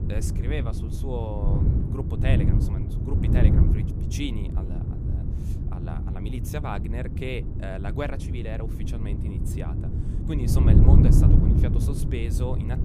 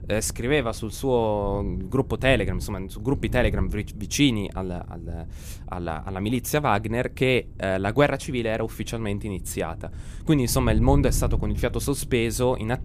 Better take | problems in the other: second | wind noise on the microphone; heavy; as loud as the speech; occasional gusts in the second

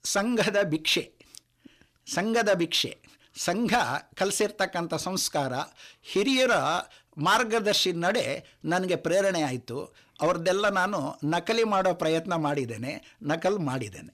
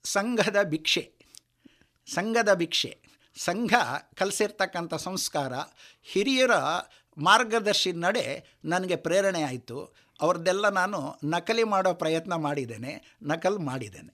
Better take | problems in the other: second | distortion; slight; 10 dB below the speech

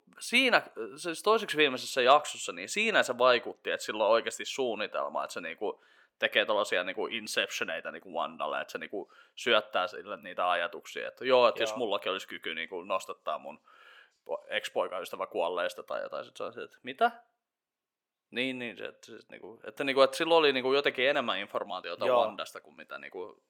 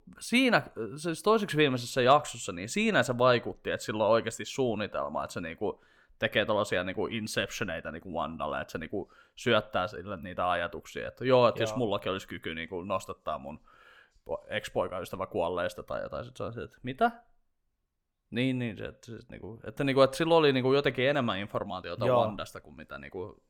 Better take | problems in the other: second | thin; somewhat; fading below 350 Hz

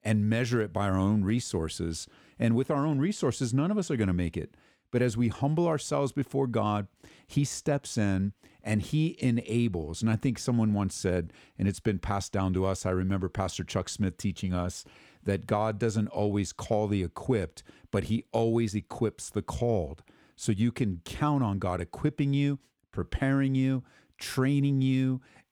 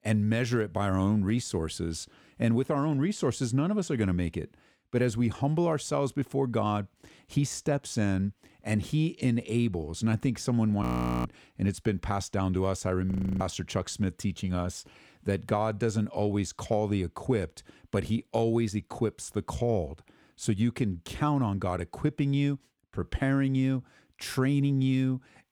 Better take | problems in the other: first | audio freezing; at 11 s and at 13 s

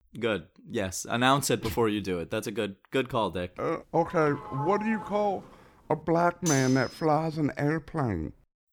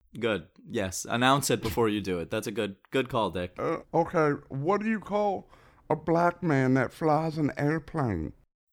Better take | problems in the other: second | doorbell; noticeable; from 4 to 5.5 s; peak 8 dB below the speech // clattering dishes; noticeable; at 6.5 s; peak 3 dB below the speech

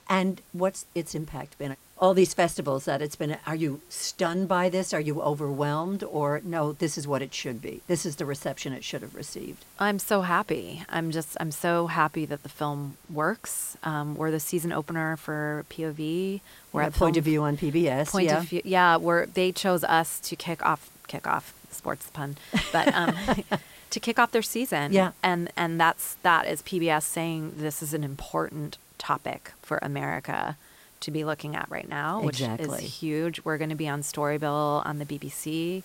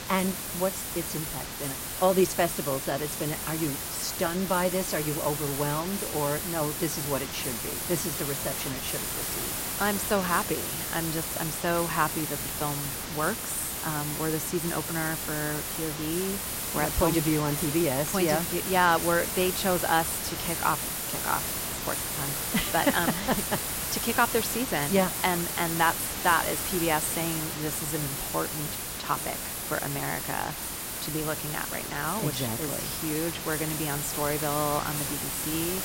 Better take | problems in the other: first | hiss; loud; throughout; 1 dB below the speech; faint in the first

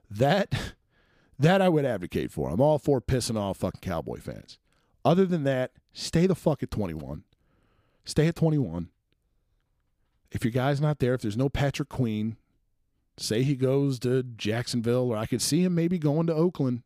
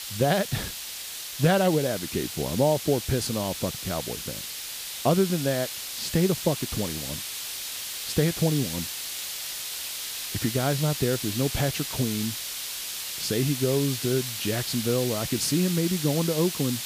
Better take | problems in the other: first | hiss; loud; throughout; 5 dB below the speech

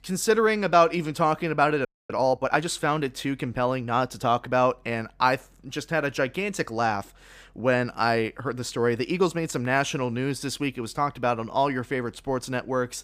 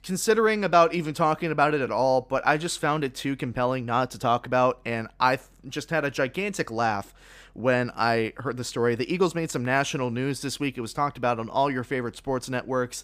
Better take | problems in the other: second | audio freezing; at 2 s

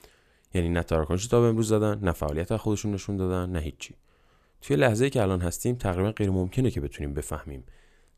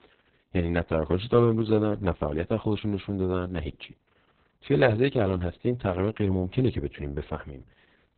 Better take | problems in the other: first | garbled, watery; badly; nothing above 4 kHz

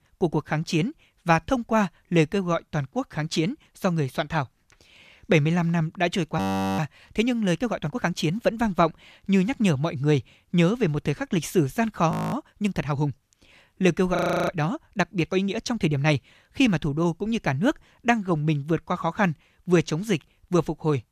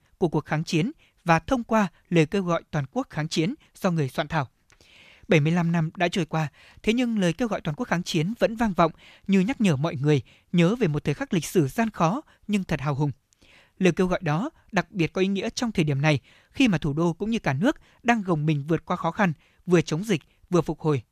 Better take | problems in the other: second | audio freezing; at 6.5 s, at 12 s and at 14 s

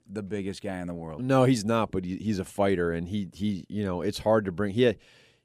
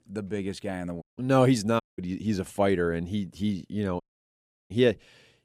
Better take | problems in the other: first | audio cutting out; at 1 s, at 2 s and at 4 s for 0.5 s

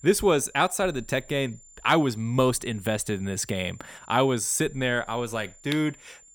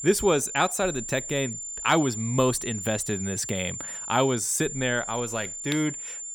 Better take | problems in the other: first | high-pitched whine; loud; throughout; 7 kHz, 6 dB below the speech; faint in the first

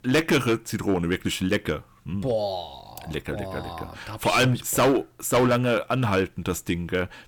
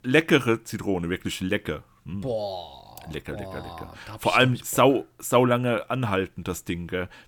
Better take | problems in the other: second | distortion; heavy; 6% of the sound clipped

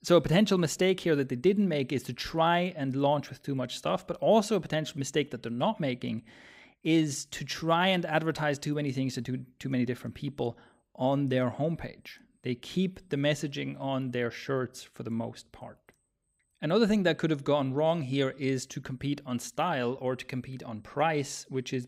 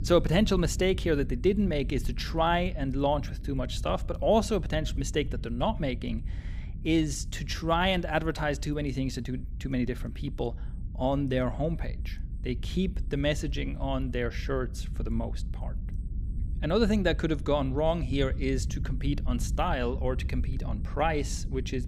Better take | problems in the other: first | low rumble; faint; throughout; 20 dB below the speech

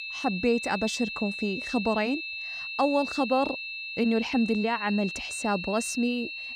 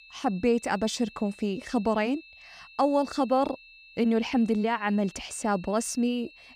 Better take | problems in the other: second | high-pitched whine; loud; throughout; 2.5 kHz, 6 dB below the speech; faint in the second

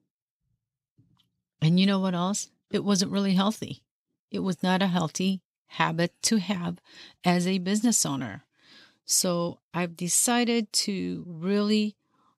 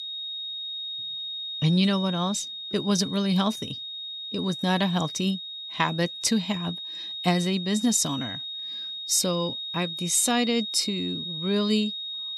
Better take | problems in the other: first | high-pitched whine; loud; throughout; 3.5 kHz, 6 dB below the speech

